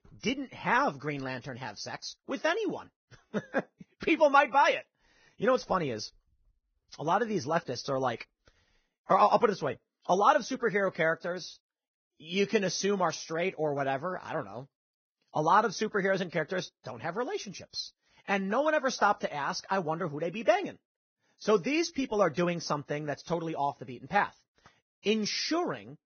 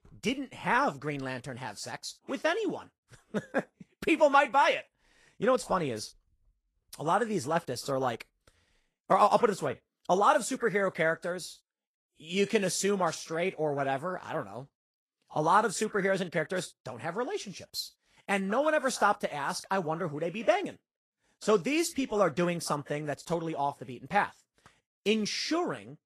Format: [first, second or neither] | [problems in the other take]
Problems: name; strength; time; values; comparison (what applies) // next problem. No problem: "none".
second | garbled, watery; badly; nothing above 6.5 kHz; slightly in the second